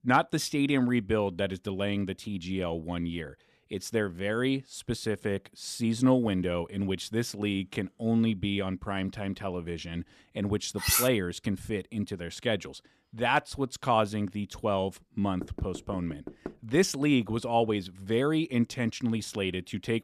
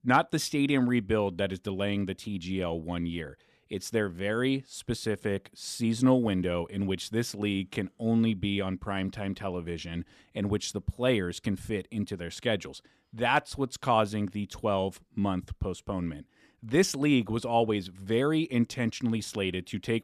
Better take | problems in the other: second | clattering dishes; loud; at 11 s; peak 4 dB above the speech // door banging; faint; from 15 to 17 s; peak 15 dB below the speech

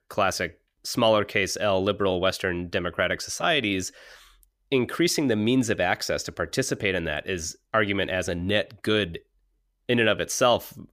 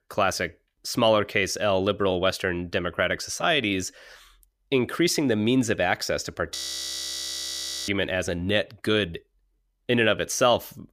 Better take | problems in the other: first | audio freezing; at 6.5 s for 1.5 s

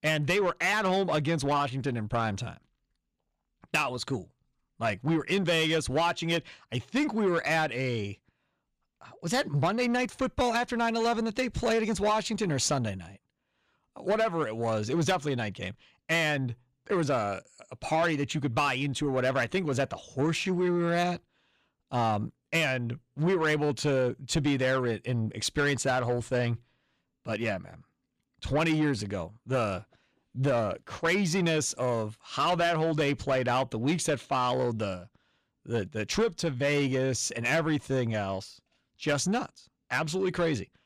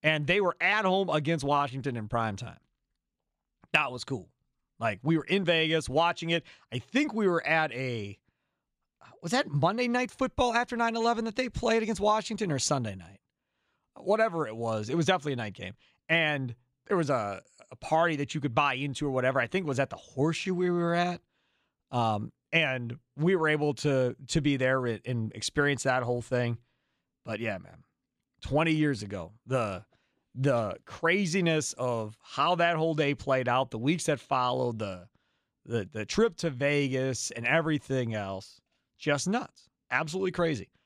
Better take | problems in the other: second | distortion; slight; 10 dB below the speech

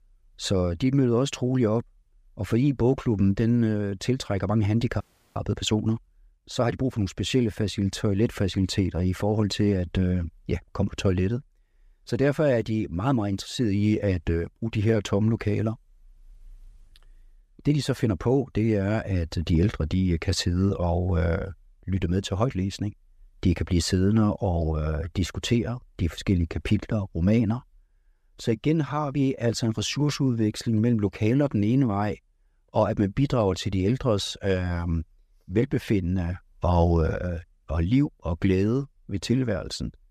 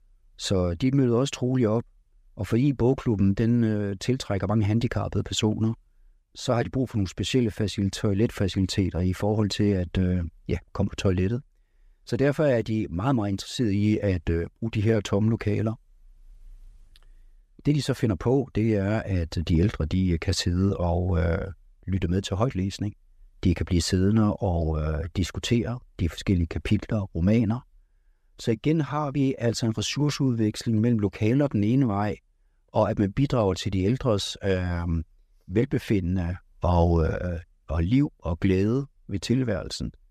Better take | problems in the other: second | audio freezing; at 5 s

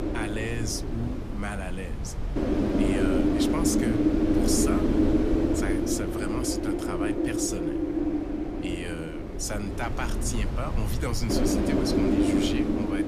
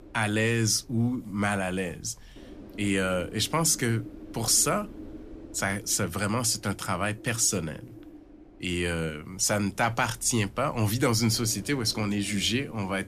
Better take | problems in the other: second | wind noise on the microphone; heavy; 5 dB above the speech; occasional gusts in the second

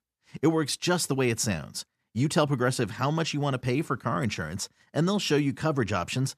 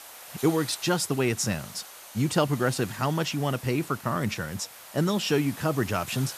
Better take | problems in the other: first | hiss; noticeable; throughout; 15 dB below the speech

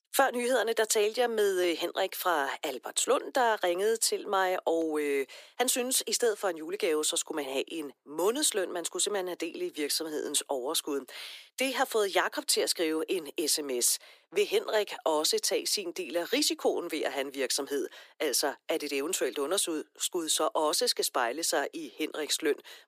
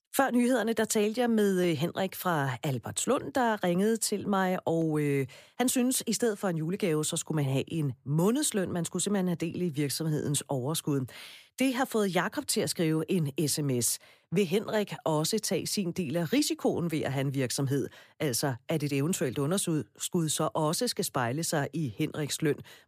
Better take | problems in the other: second | thin; very; fading below 350 Hz

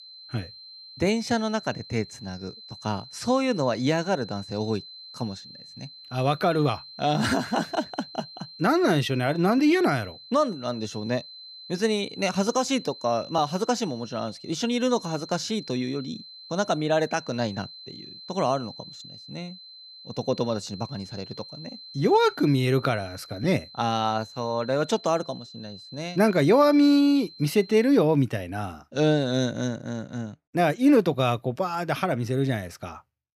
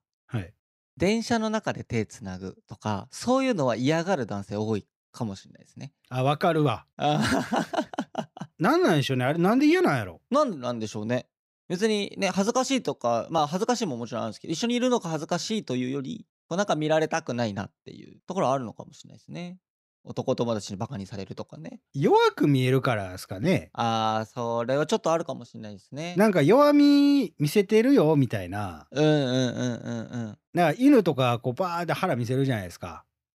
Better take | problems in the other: second | high-pitched whine; noticeable; until 28 s; 4 kHz, 15 dB below the speech

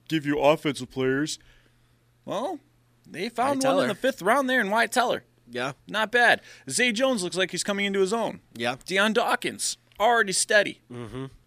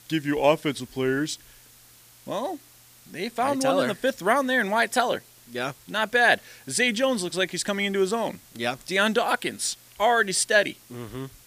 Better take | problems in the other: first | hiss; faint; throughout; 25 dB below the speech

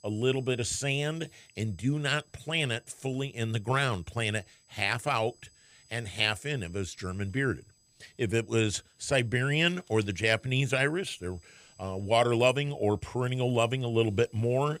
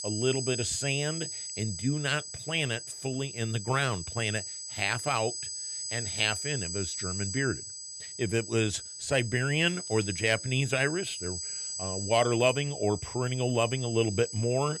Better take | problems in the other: first | high-pitched whine; loud; throughout; 8 kHz, 6 dB below the speech; faint in the first

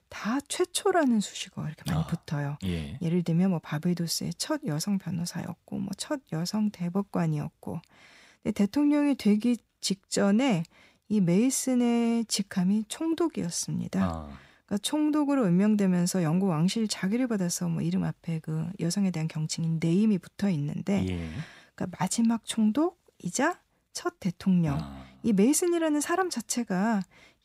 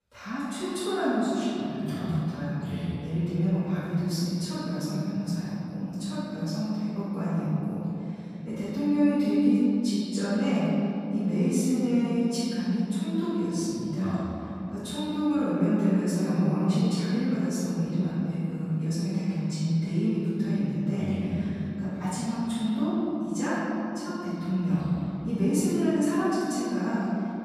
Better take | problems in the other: first | off-mic speech; far // room echo; strong; dies away in 3 s

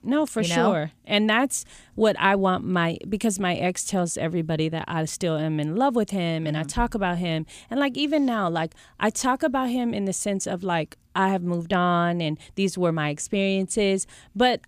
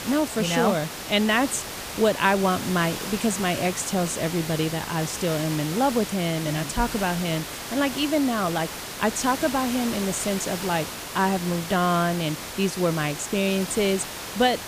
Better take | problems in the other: first | hiss; loud; throughout; 7 dB below the speech

